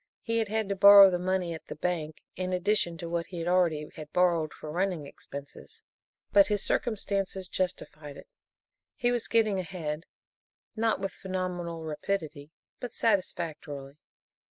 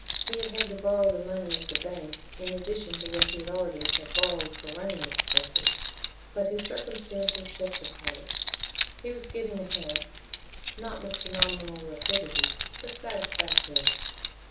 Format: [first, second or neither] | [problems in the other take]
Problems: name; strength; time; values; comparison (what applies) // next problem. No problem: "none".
first | background sound (Keys jangling); 3 dB above the speech // room echo; dies away in 1.2 s